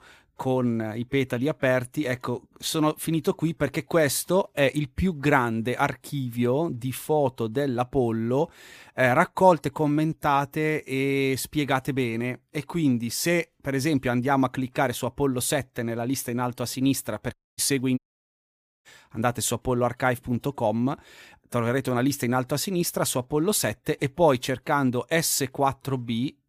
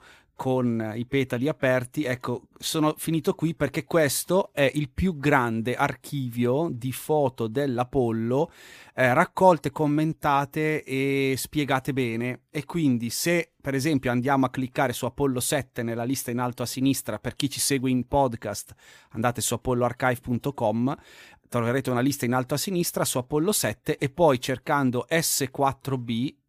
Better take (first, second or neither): second